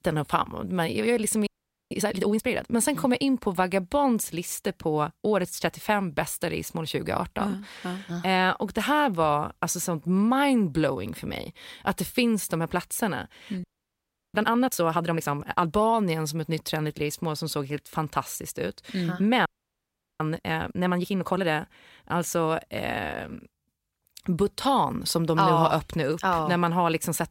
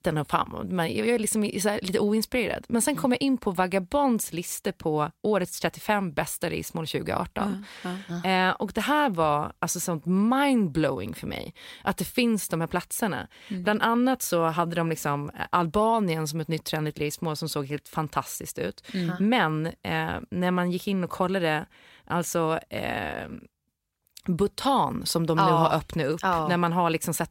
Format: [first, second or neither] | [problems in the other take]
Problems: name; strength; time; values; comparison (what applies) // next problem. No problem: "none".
second | audio freezing; at 1.5 s, at 14 s for 0.5 s and at 19 s for 0.5 s